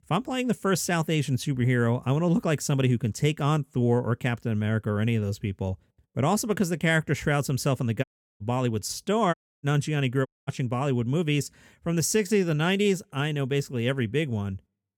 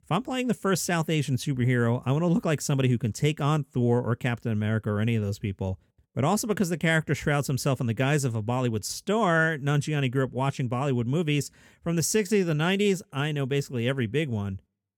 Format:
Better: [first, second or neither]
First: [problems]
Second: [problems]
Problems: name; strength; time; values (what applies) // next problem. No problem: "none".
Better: second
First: audio cutting out; at 8 s, at 9.5 s and at 10 s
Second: none